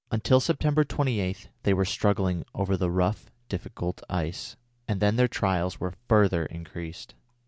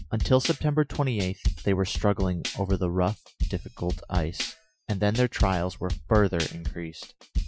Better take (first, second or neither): first